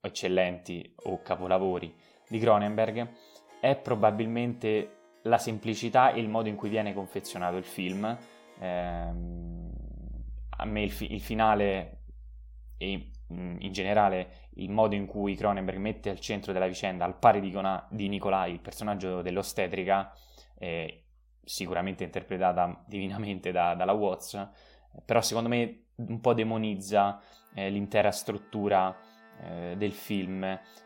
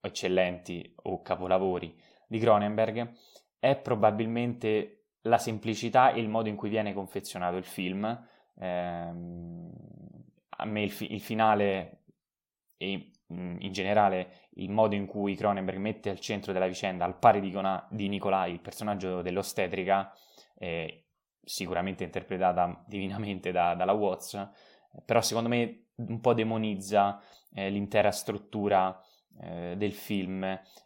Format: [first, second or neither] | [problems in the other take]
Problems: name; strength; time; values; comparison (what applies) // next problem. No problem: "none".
second | background music; faint; throughout; 20 dB below the speech